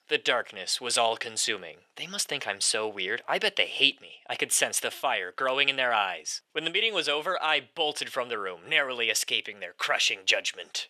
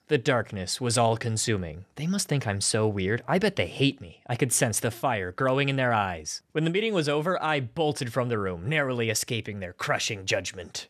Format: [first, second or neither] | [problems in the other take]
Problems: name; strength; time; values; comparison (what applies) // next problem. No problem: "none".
second | thin; very; fading below 550 Hz